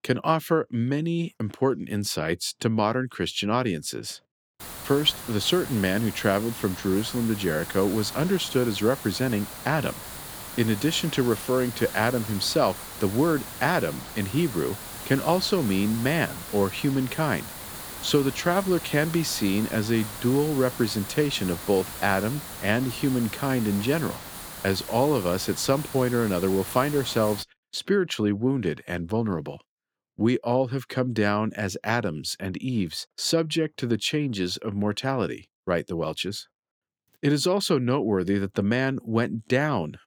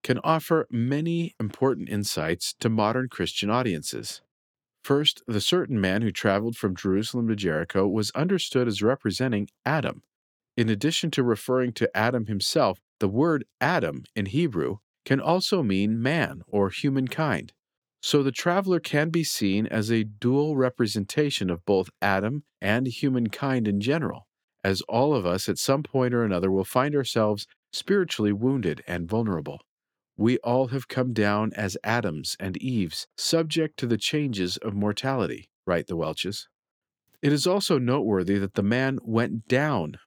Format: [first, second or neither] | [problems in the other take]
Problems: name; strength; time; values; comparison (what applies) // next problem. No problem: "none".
second | hiss; noticeable; from 4.5 to 27 s; 10 dB below the speech